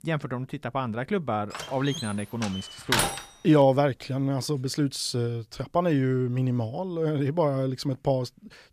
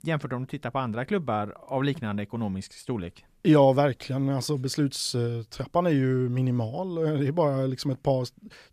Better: second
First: door banging; loud; from 1.5 to 3 s; peak 2 dB above the speech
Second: none

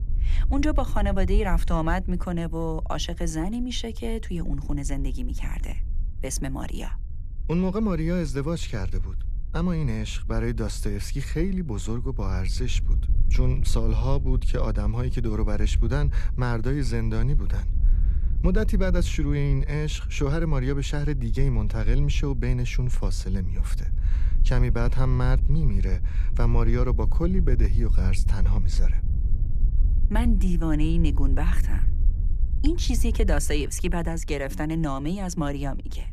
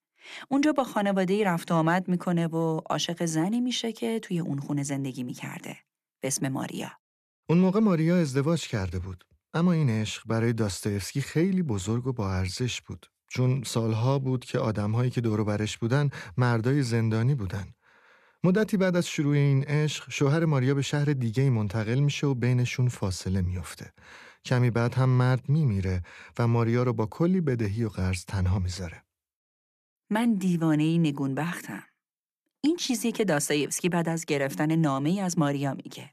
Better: second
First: wind noise on the microphone; occasional gusts; 15 dB below the speech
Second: none

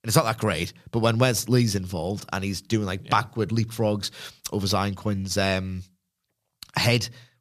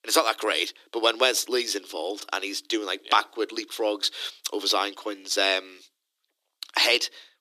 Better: first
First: none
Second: thin; very; fading below 300 Hz

